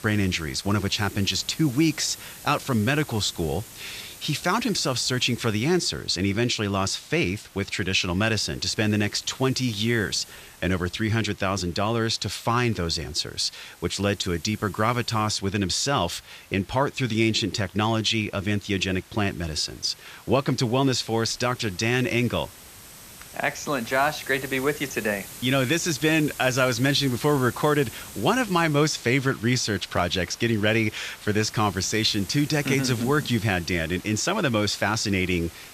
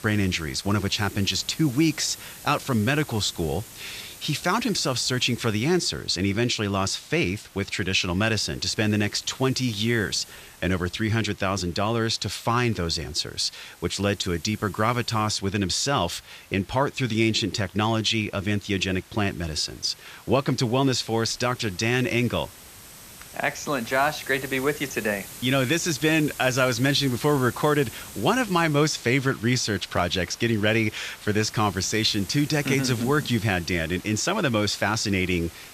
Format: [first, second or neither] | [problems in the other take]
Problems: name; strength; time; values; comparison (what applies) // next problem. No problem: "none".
neither | hiss; noticeable; throughout; 20 dB below the speech; the same in both